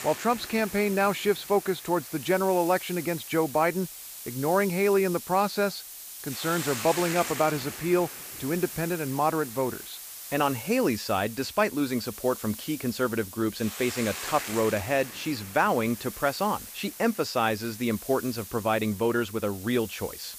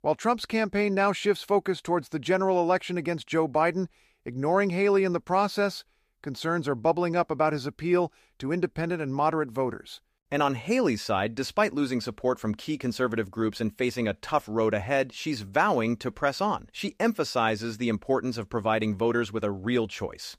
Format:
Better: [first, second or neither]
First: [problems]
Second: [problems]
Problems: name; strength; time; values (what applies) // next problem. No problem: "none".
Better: second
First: hiss; noticeable; throughout; 10 dB below the speech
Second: none